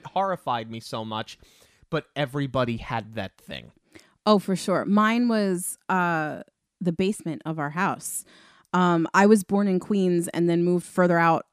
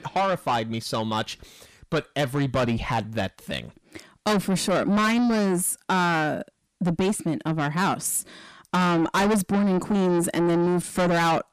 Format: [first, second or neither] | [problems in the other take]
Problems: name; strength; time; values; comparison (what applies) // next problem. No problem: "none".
first | distortion; heavy; 6 dB below the speech